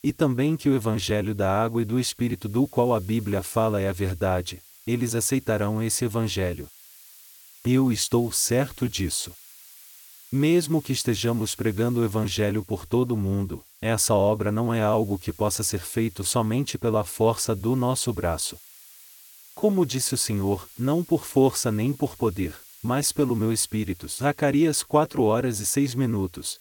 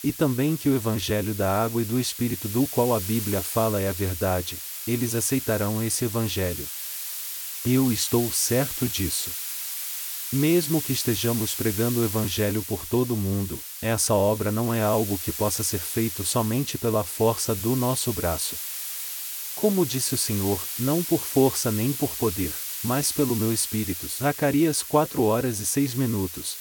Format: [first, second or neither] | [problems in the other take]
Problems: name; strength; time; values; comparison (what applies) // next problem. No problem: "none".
first | hiss; loud; throughout; 6 dB below the speech; faint in the first